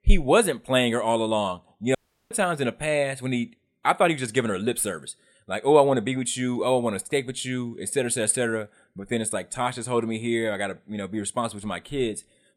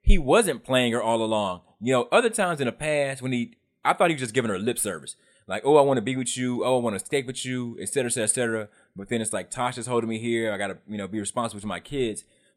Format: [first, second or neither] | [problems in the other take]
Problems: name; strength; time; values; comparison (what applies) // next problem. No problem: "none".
second | audio cutting out; at 2 s